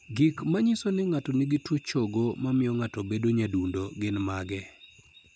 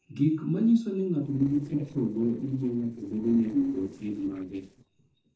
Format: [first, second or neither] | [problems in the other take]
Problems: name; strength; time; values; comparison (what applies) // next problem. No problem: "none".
first | noise reduction (neural separator model SepFormer DNS4)